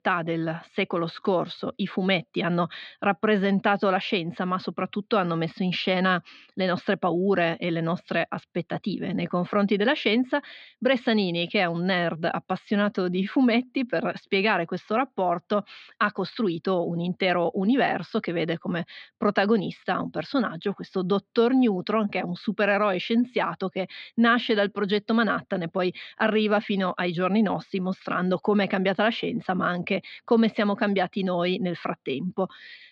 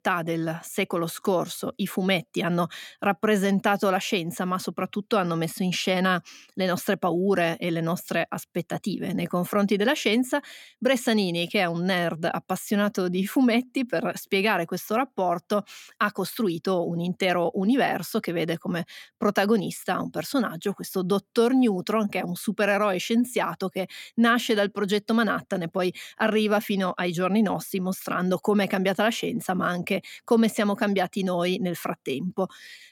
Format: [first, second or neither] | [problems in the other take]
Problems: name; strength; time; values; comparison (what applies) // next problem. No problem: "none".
second | muffled; very slightly; fading above 4 kHz